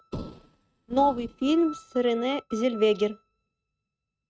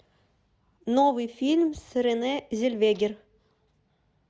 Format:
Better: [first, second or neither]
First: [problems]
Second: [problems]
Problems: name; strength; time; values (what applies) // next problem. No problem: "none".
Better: second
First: noise reduction (neural mask model RNNoise)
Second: none